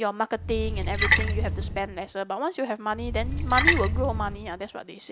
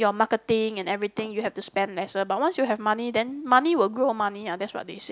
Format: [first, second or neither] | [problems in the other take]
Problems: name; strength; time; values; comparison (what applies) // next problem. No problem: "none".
second | background sound (Splash, splatter); 2 dB above the speech